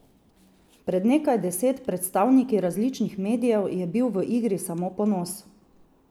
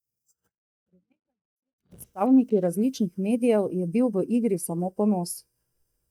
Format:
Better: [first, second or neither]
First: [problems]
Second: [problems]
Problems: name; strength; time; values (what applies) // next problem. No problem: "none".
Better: first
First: none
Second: noise reduction (neural mask model DeepFilterNet 3)